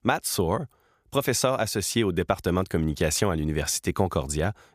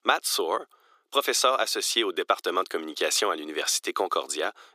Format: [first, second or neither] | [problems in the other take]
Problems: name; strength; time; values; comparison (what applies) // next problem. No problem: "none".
first | thin; very; fading below 300 Hz